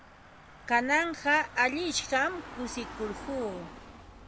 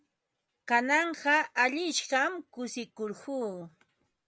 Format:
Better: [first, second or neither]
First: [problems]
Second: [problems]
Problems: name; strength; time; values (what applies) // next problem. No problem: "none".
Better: second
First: background sound (Engine / Car); 14 dB below the speech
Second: none